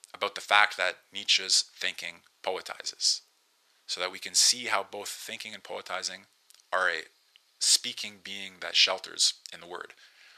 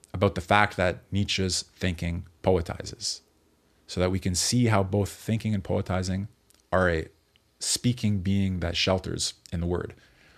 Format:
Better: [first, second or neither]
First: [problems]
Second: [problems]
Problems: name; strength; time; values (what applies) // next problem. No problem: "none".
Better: second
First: thin; very; fading below 950 Hz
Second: none